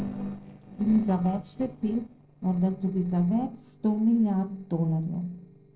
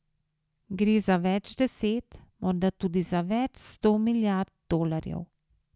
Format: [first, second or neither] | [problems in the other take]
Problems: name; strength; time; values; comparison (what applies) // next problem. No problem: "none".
second | noise reduction (neural separator model SepFormer DNS4)